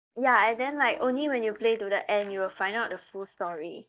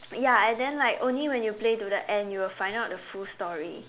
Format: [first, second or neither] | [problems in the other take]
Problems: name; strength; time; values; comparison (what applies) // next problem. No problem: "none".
second | noise reduction (neural mask model DeepFilterNet 3)